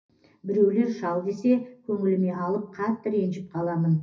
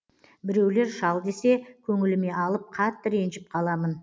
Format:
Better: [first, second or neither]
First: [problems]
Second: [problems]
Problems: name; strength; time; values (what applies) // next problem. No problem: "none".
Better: second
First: room echo; dies away in 0.4 s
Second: none